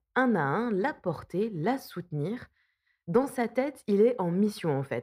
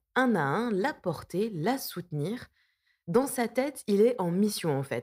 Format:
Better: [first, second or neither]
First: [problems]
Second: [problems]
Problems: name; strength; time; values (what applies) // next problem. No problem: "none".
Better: second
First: muffled; slightly; fading above 3.5 kHz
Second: none